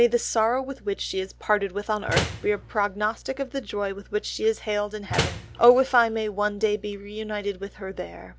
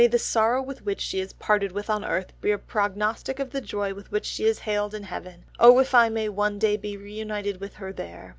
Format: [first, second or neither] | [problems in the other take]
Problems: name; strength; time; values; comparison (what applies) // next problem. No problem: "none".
second | background sound (Slam); 5 dB below the speech